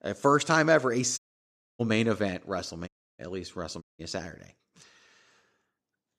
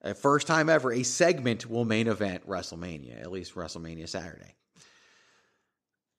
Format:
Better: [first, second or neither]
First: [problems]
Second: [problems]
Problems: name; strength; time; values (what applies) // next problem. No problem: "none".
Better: second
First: audio cutting out; at 1 s for 0.5 s, at 3 s and at 4 s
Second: none